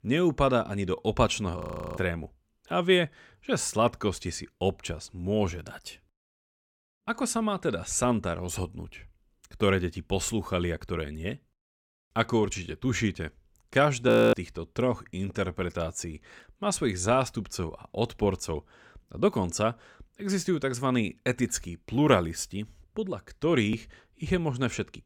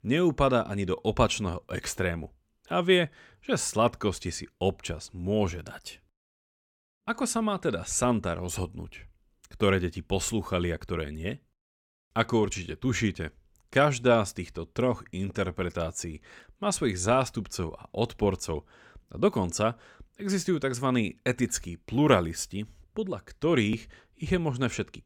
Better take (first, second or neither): second